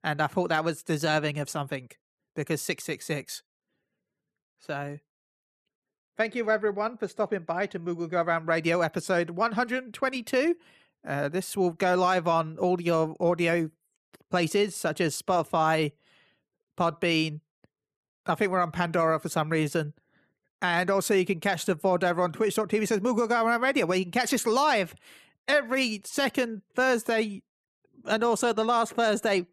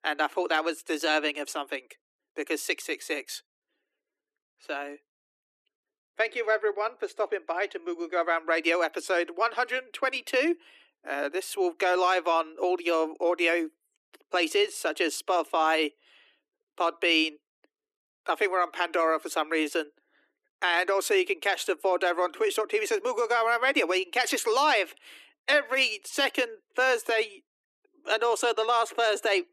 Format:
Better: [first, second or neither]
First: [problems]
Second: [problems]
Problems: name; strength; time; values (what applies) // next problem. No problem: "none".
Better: first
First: none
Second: thin; somewhat; fading below 300 Hz